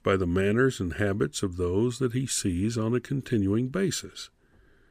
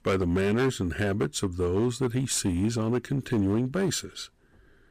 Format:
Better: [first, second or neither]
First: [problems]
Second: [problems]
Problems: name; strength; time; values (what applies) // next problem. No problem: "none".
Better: first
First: none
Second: distortion; slight; 10% of the sound clipped